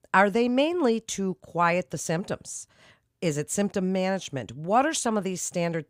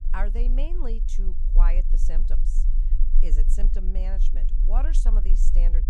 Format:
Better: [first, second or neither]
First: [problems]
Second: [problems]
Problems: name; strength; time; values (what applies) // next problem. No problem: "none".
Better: first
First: none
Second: low rumble; noticeable; throughout; 10 dB below the speech